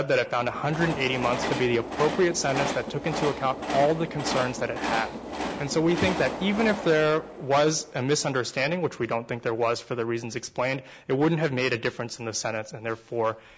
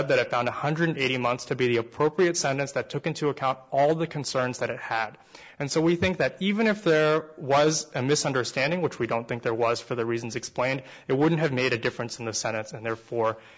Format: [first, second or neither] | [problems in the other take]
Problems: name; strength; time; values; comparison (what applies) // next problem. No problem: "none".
second | background sound (Train); 8 dB below the speech